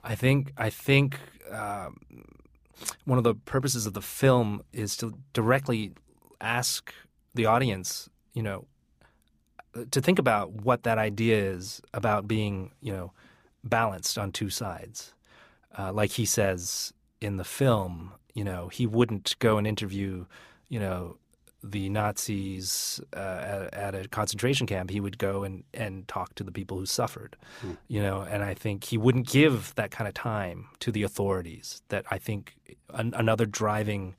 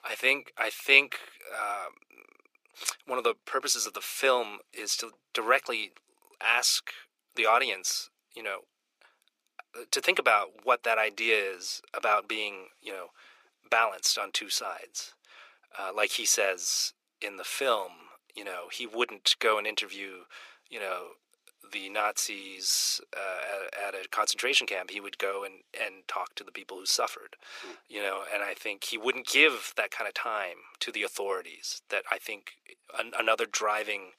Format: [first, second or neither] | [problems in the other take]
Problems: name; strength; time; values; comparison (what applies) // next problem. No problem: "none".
first | thin; very; fading below 400 Hz